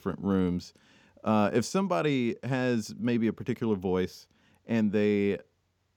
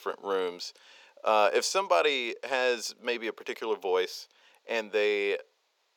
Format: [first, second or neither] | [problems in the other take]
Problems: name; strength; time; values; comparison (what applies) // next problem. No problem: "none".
first | thin; very; fading below 500 Hz